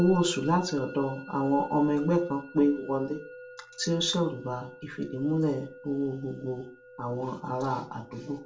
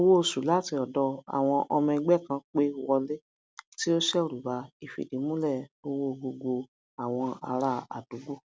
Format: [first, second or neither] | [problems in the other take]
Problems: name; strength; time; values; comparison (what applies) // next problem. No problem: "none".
second | background sound (Musical instrument); 18 dB below the speech // room echo; dies away in 0.3 s